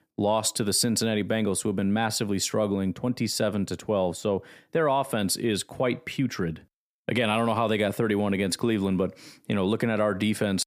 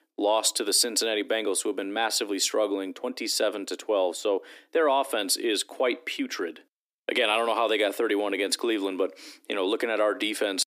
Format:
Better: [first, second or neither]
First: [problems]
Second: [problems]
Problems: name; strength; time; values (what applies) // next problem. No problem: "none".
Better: first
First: none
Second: thin; somewhat; fading below 300 Hz